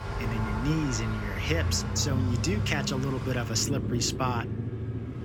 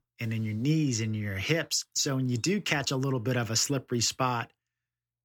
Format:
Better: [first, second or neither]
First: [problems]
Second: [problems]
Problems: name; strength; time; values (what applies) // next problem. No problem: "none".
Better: second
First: traffic noise; loud; throughout; 2 dB below the speech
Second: none